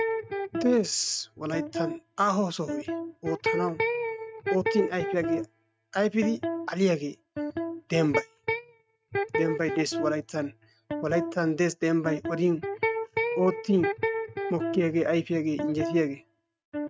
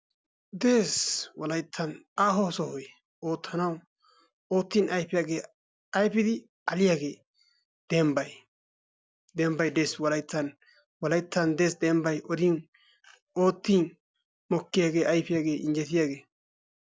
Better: second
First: noise reduction (neural mask model RNNoise)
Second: none

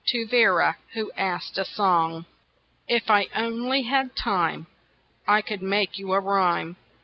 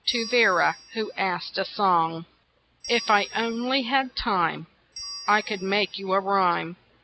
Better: first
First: none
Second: background sound (Bell); 18 dB below the speech

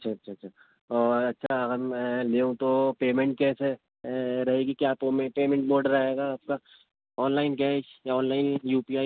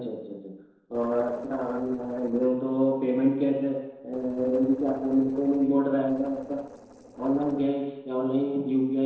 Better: first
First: none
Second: noise reduction (neural separator model SepFormer DNS4)

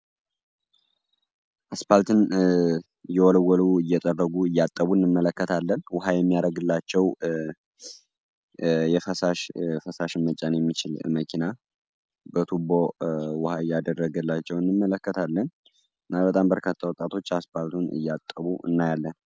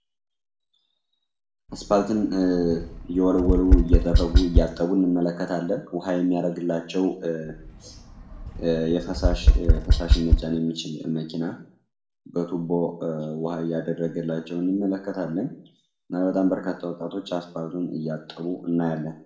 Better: first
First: none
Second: background sound (Tap); 4 dB above the speech // room echo; dies away in 0.5 s

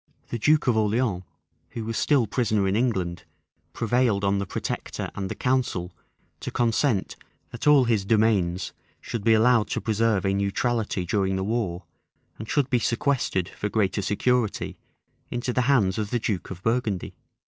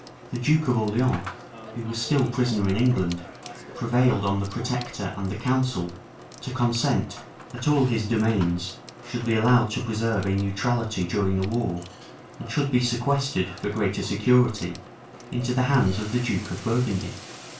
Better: first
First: none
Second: background sound (Sink (filling or washing) / Water tap, faucet / Water); 17 dB below the speech // room echo; dies away in 0.3 s

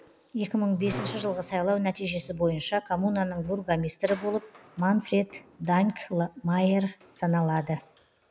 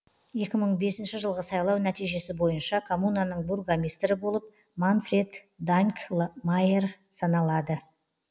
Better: second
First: background sound (Squeak); 18 dB below the speech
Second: none

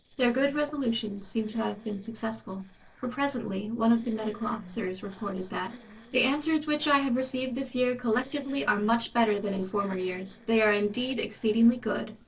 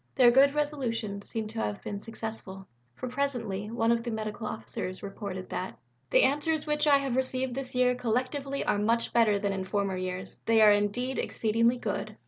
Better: second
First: noise reduction (neural separator model SepFormer DNS4)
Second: none

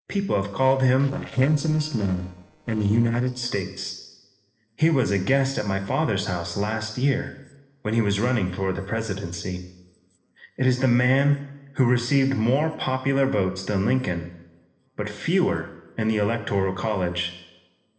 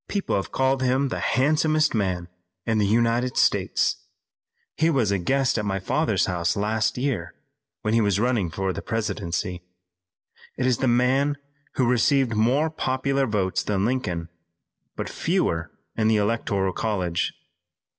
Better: second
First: noise reduction (neural separator model SepFormer DNS4)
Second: none

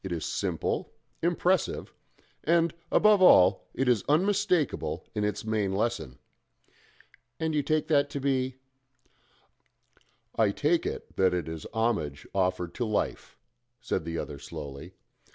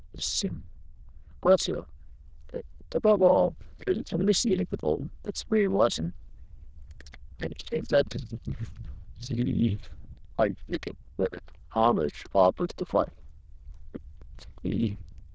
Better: first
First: none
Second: noise reduction (neural diffusion model UNIVERSE++)

